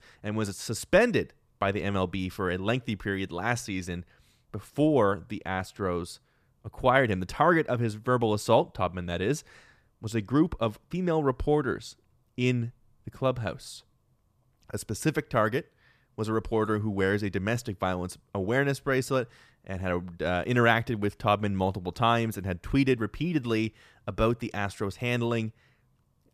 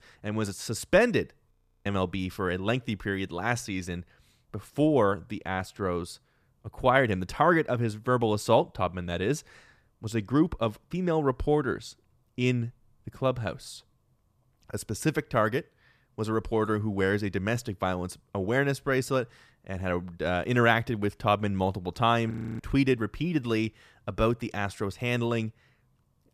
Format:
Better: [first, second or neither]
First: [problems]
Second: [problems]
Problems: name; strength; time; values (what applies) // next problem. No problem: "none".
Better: first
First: none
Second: audio freezing; at 1.5 s and at 22 s